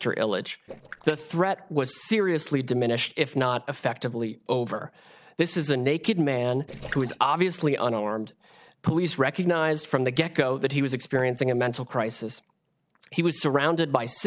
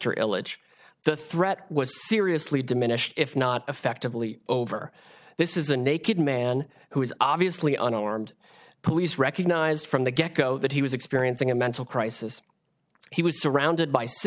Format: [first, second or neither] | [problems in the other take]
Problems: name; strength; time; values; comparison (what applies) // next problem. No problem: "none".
second | noise reduction (neural separator model SepFormer DNS4)